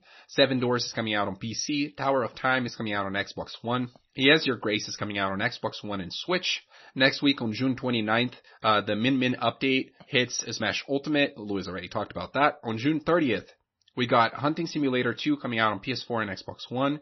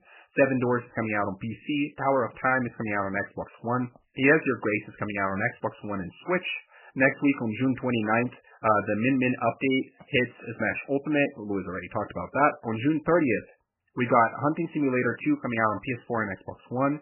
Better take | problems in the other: first | garbled, watery; badly; nothing above 3 kHz; slightly in the first

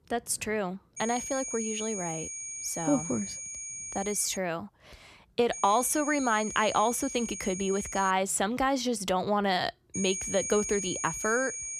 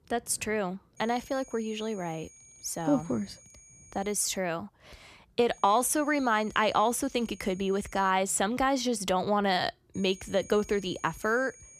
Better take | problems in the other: second | high-pitched whine; loud; from 1 to 4.5 s, from 5.5 to 8 s and from 10 s on; 6.5 kHz, 6 dB below the speech; faint in the second

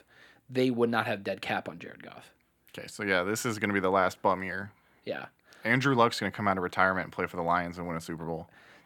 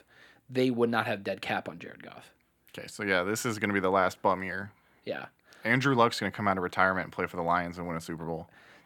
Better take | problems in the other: neither | none

